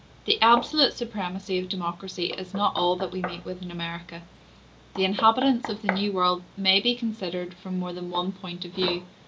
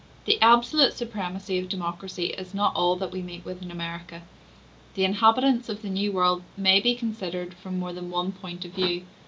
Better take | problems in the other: second | background sound (Knock); 14 dB below the speech

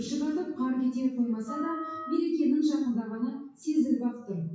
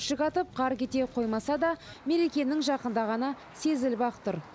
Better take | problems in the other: second | noise reduction (classical method WPE with log-MMSE)

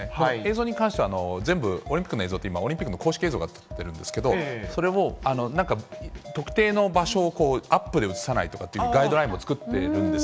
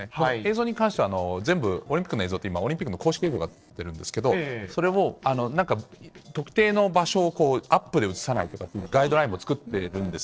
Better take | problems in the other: first | noise reduction (neural separator model SepFormer DNS4)

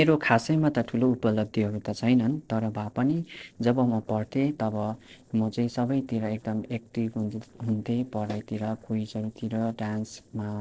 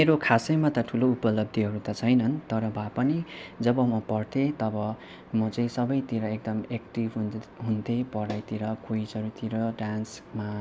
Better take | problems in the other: second | noise reduction (neural separator model SepFormer DNS4)

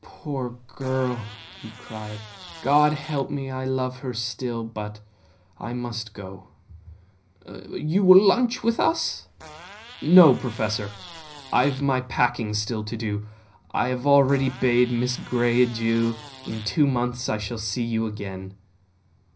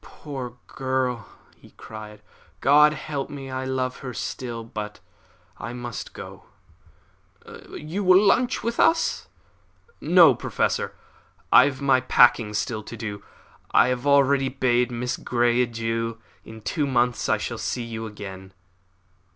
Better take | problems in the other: second | background sound (Fart); 19 dB below the speech // room echo; dies away in 0.5 s

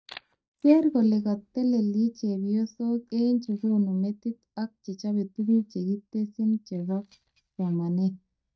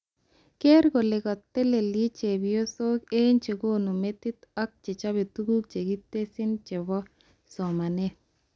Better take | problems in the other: second | noise reduction (neural mask model DeepFilterNet 3)

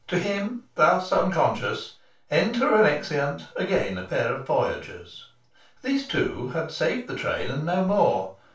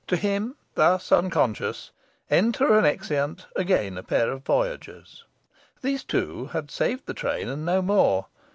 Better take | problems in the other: second | room echo; dies away in 0.3 s

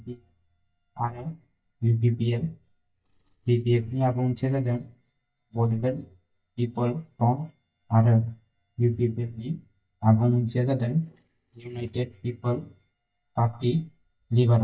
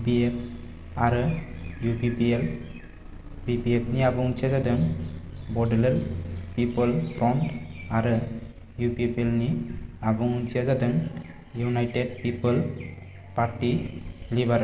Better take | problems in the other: second | noise reduction (neural mask model DeepFilterNet 3)

